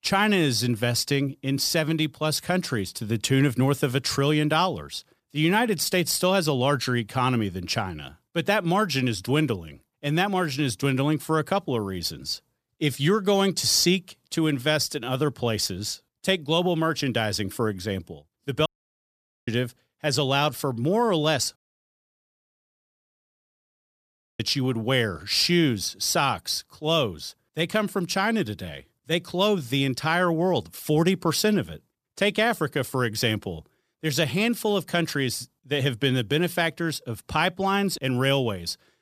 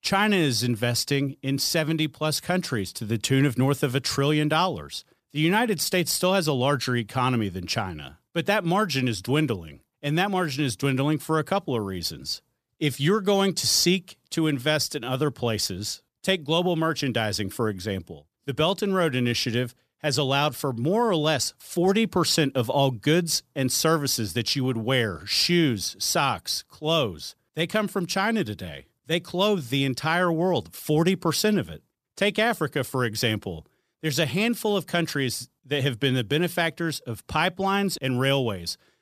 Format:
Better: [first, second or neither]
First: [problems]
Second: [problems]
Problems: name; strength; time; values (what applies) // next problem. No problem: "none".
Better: second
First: audio cutting out; at 19 s for 1 s and at 22 s for 3 s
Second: none